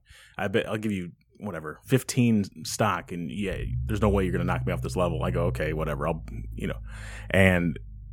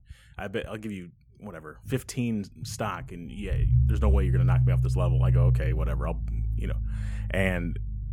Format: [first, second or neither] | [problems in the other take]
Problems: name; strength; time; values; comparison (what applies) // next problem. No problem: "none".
first | low rumble; loud; throughout; 5 dB below the speech; faint in the first